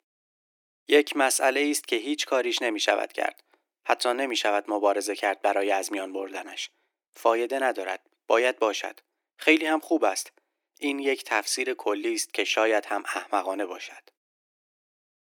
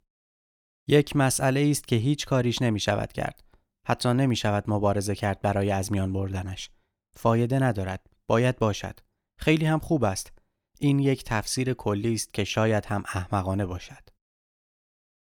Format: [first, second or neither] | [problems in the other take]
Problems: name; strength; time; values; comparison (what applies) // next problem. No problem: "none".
second | thin; very; fading below 300 Hz